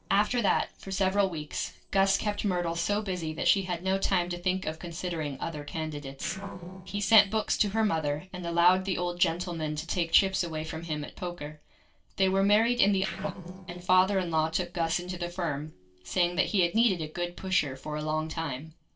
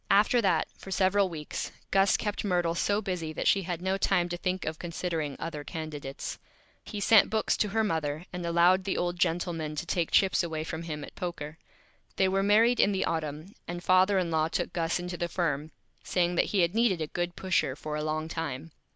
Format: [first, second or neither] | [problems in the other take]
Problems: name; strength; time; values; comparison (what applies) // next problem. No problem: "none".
second | noise reduction (neural separator model SepFormer DNS4)